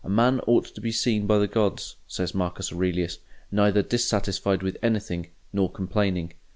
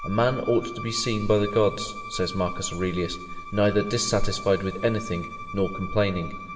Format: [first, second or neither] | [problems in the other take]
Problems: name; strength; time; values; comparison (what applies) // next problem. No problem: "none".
first | background sound (Bowed string instrument); 13 dB below the speech // room echo; dies away in 2.2 s